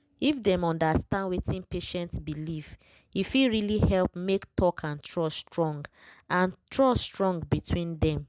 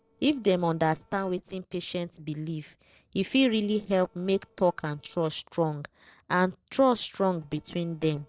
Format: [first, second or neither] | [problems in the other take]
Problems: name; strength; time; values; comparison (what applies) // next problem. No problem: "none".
first | noise reduction (neural separator model SepFormer DNS4)